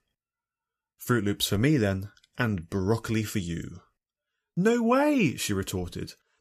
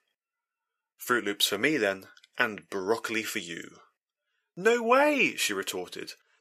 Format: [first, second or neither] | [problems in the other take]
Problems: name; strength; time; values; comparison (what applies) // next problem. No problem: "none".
first | thin; somewhat; fading below 450 Hz